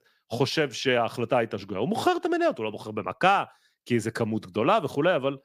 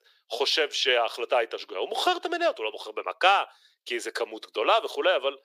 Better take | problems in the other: first | thin; very; fading below 400 Hz

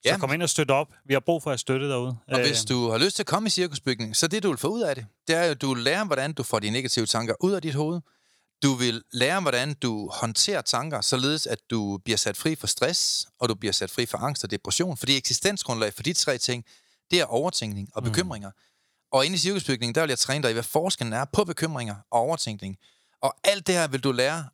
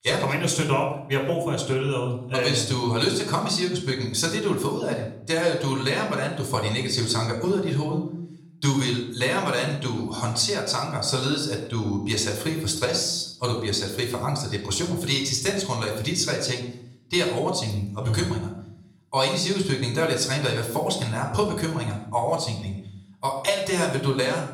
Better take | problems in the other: first | off-mic speech; somewhat distant // room echo; slight; dies away in 0.7 s

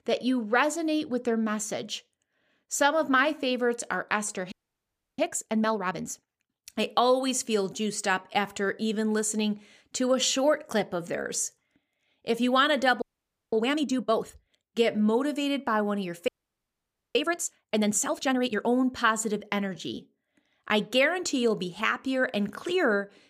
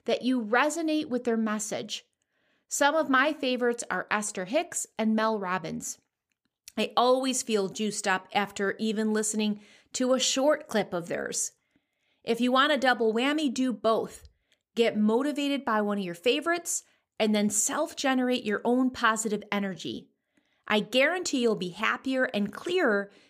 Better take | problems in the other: second | audio freezing; at 4.5 s for 0.5 s, at 13 s for 0.5 s and at 16 s for 1 s

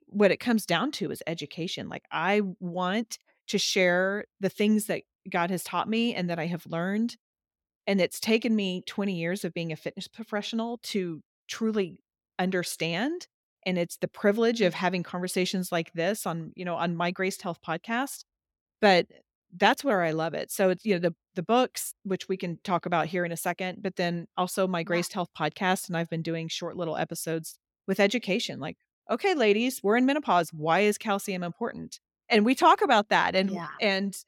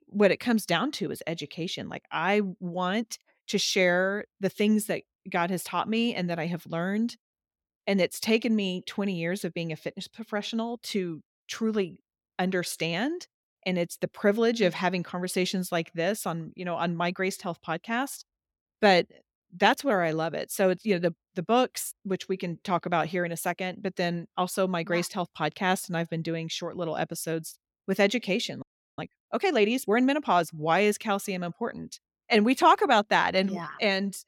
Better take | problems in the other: first | audio freezing; at 29 s

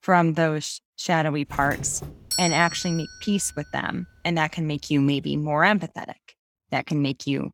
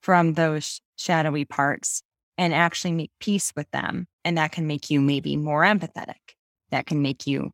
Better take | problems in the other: second | doorbell; noticeable; from 1.5 to 3 s; peak 1 dB below the speech

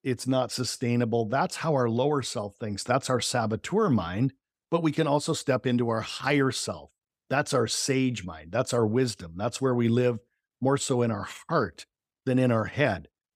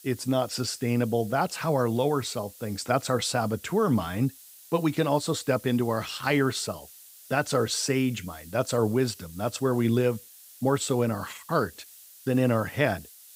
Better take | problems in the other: first | hiss; noticeable; throughout; 20 dB below the speech

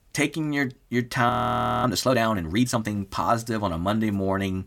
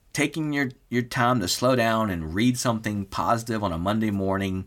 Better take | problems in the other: second | audio freezing; at 1.5 s for 0.5 s

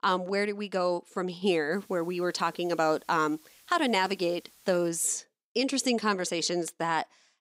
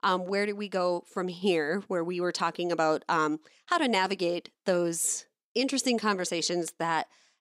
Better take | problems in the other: second | hiss; faint; from 1.5 to 5 s; 30 dB below the speech

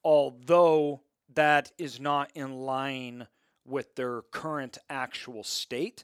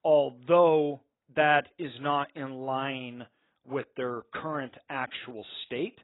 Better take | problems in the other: first | garbled, watery; badly; nothing above 4 kHz

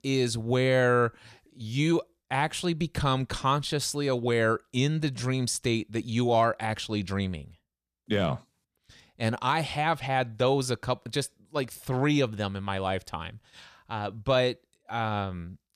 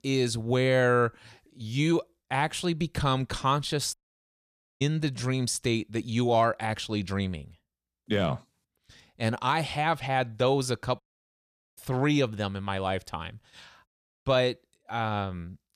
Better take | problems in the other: first | audio cutting out; at 4 s for 1 s, at 11 s for 1 s and at 14 s

